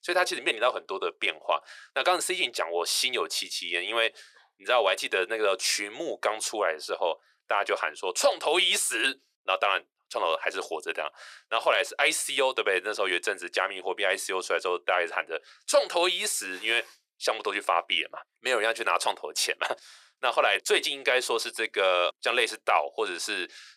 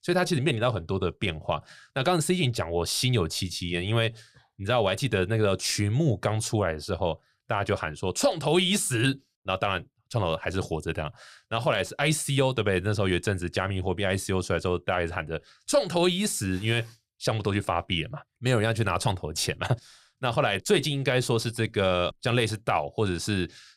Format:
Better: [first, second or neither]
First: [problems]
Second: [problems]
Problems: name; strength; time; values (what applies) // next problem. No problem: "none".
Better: second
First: thin; very; fading below 400 Hz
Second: none